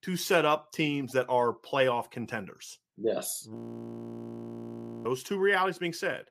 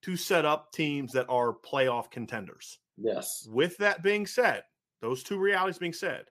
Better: second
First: audio freezing; at 3.5 s for 1.5 s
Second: none

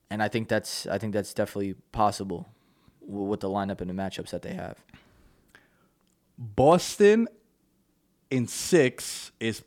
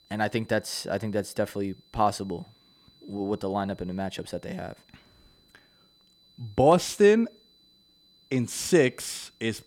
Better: first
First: none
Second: high-pitched whine; faint; throughout; 4 kHz, 30 dB below the speech

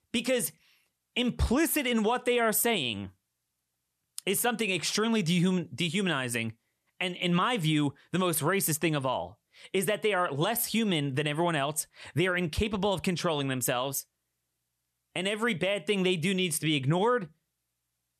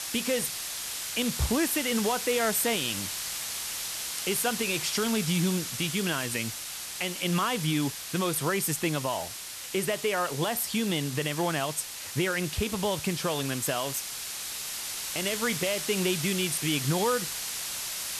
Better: first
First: none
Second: hiss; loud; throughout; 4 dB below the speech

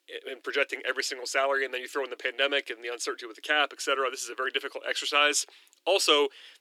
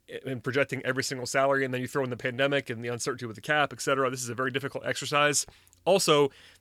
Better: second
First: thin; somewhat; fading below 300 Hz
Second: none

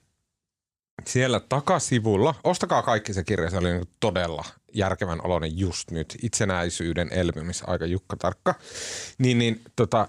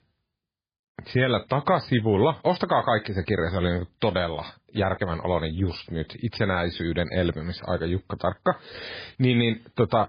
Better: first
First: none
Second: garbled, watery; badly

